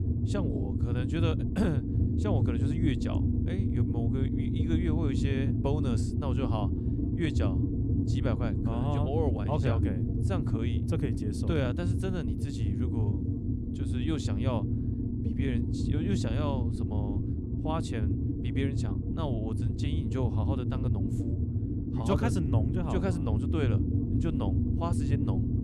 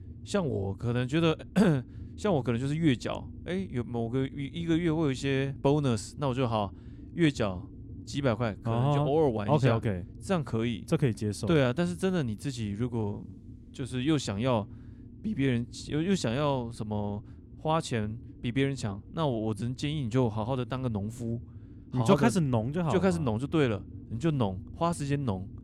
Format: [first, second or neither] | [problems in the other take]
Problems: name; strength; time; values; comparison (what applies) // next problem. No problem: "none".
second | low rumble; loud; throughout; 1 dB below the speech; faint in the second